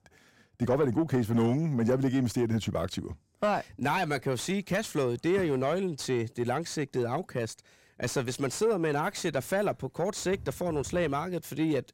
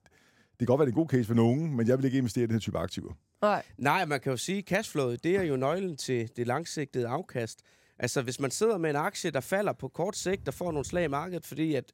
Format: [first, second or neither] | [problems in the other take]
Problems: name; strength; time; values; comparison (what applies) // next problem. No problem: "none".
second | distortion; slight; 10 dB below the speech